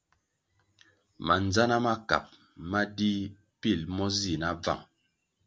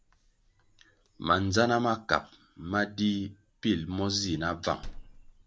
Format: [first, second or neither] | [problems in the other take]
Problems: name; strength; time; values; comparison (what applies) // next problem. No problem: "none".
first | background sound (Slam); 20 dB below the speech